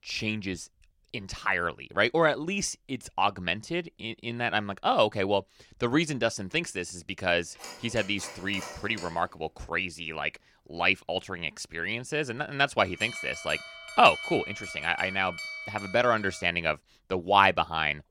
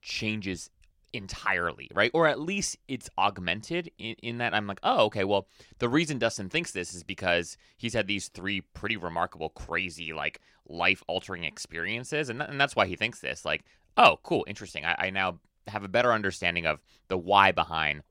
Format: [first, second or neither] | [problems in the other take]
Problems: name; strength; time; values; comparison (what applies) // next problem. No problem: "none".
second | phone ringing; faint; from 7.5 to 9 s; peak 15 dB below the speech // alarm; noticeable; from 13 to 16 s; peak 7 dB below the speech